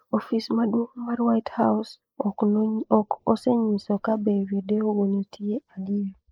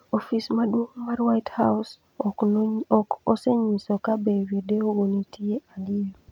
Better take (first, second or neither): second